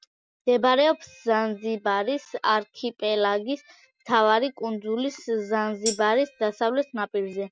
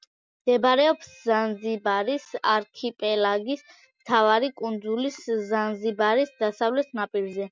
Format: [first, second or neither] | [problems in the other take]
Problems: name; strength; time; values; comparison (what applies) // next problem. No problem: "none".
second | background sound (Tambourine); 11 dB below the speech